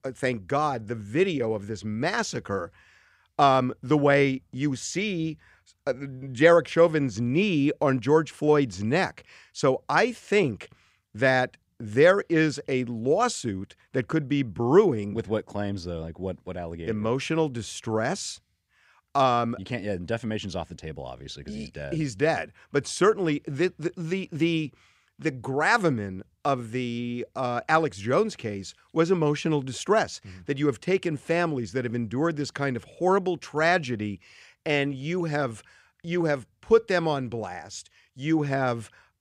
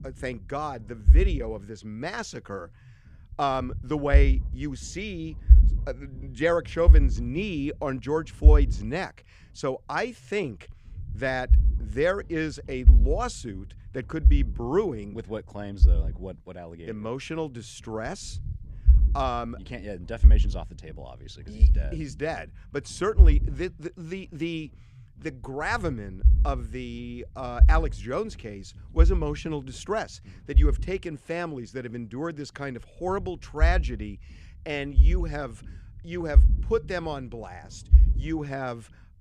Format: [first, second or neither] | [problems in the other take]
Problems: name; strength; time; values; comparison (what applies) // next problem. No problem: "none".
first | low rumble; noticeable; throughout; 15 dB below the speech